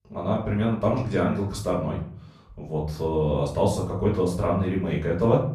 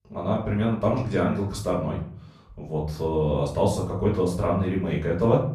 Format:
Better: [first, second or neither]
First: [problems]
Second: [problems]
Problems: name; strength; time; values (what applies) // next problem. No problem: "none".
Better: neither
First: off-mic speech; far // room echo; noticeable; dies away in 0.5 s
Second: off-mic speech; far // room echo; noticeable; dies away in 0.5 s